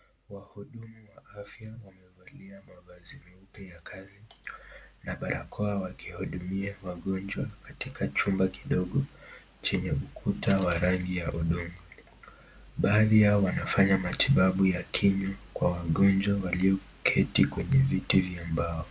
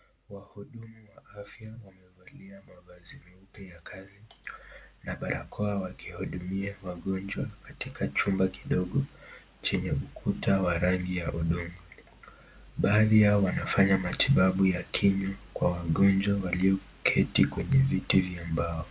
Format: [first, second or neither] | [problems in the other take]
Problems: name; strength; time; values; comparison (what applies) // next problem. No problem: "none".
second | background sound (Bicycle); 20 dB below the speech